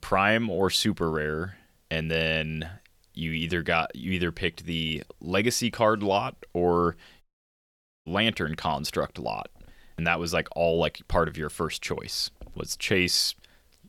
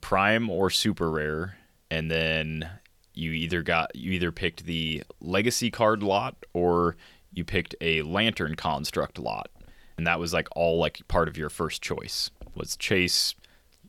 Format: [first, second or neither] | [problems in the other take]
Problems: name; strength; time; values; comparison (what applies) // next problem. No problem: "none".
second | audio cutting out; at 7 s for 1 s